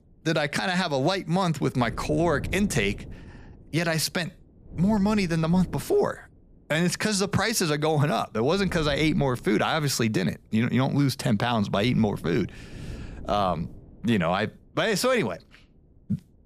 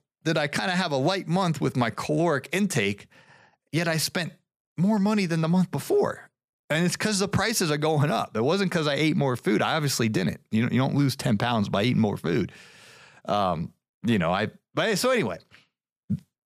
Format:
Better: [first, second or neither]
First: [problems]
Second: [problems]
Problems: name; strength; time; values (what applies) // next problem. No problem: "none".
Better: second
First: wind noise on the microphone; occasional gusts; 25 dB below the speech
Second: none